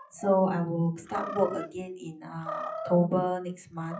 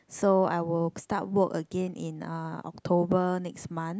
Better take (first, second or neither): second